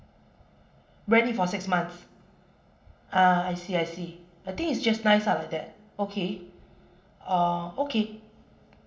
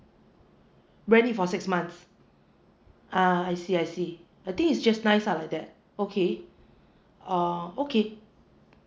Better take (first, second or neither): second